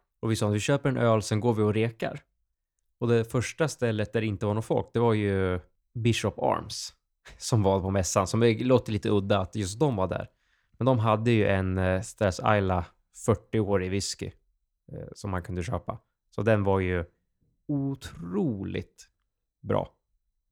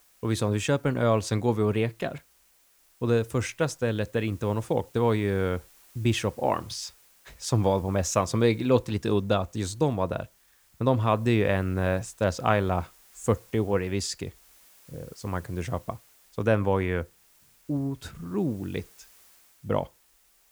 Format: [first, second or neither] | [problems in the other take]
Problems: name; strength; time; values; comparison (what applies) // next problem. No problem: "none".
first | hiss; faint; throughout; 30 dB below the speech